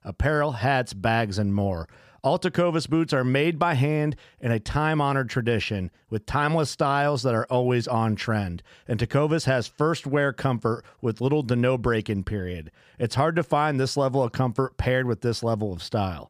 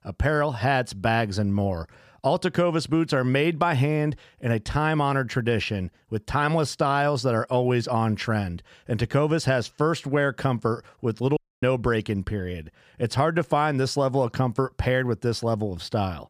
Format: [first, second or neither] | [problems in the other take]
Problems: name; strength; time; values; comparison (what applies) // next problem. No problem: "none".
first | audio cutting out; at 11 s